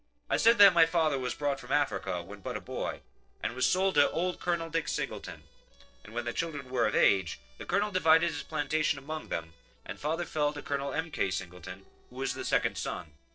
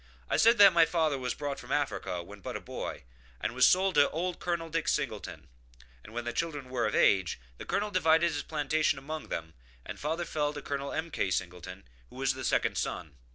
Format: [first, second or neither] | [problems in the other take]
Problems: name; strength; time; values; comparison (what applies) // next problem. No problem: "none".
second | noise reduction (neural separator model SepFormer DNS4)